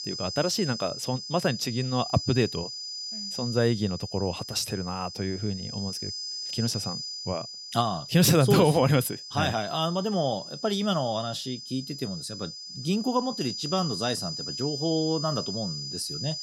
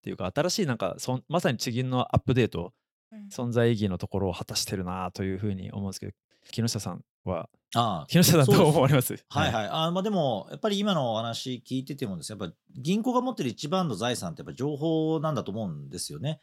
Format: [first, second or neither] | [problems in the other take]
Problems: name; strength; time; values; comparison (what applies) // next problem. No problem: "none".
second | high-pitched whine; loud; throughout; 5 kHz, 7 dB below the speech